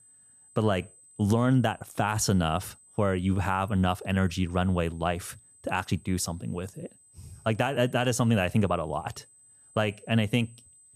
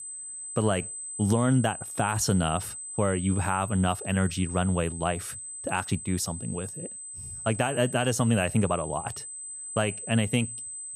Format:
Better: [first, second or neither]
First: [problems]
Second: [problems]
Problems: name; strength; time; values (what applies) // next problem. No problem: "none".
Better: first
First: high-pitched whine; faint; throughout; 8 kHz, 25 dB below the speech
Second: high-pitched whine; loud; throughout; 8 kHz, 8 dB below the speech